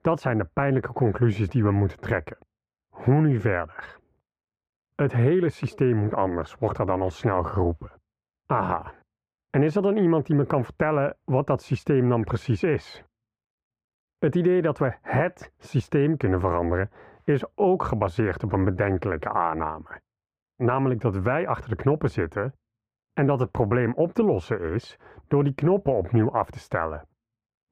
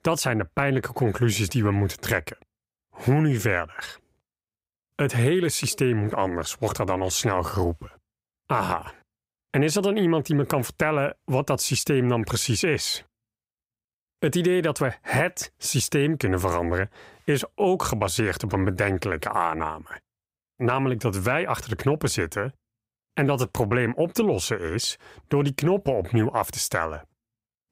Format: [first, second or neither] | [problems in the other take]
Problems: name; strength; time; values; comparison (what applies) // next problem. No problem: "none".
second | muffled; very; fading above 3.5 kHz